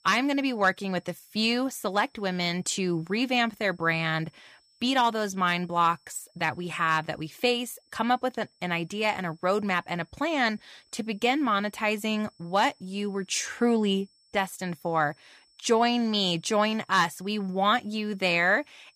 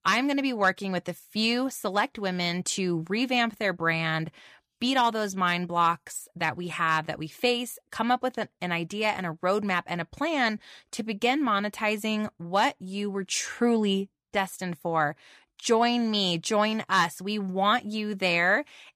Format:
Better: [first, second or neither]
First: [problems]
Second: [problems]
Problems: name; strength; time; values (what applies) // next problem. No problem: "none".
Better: second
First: high-pitched whine; faint; throughout; 5.5 kHz, 35 dB below the speech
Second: none